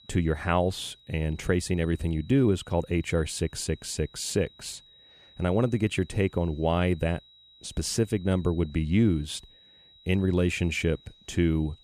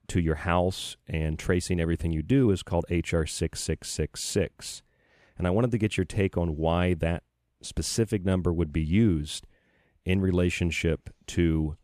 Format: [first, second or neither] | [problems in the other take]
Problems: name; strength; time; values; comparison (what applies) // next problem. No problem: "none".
second | high-pitched whine; faint; throughout; 4 kHz, 25 dB below the speech